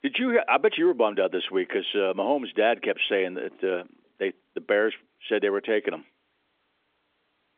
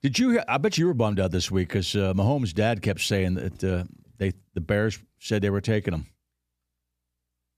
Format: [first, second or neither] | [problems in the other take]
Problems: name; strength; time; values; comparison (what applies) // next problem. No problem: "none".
second | phone-call audio; nothing above 3.5 kHz